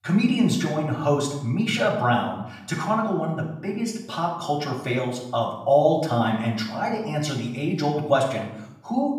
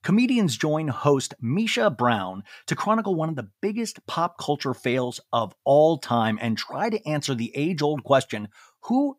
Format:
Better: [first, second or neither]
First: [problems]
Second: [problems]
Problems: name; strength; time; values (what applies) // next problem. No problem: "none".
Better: second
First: off-mic speech; far // room echo; noticeable; dies away in 0.7 s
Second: none